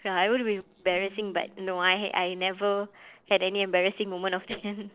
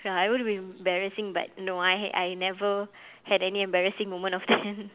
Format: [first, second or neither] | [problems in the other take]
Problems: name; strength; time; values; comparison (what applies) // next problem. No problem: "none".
second | noise reduction (neural separator model SepFormer DNS4)